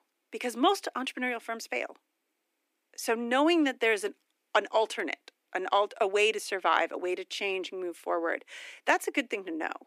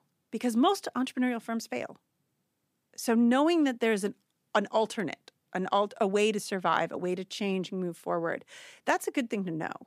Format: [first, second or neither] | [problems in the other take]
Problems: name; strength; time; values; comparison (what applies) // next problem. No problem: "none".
second | thin; somewhat; fading below 300 Hz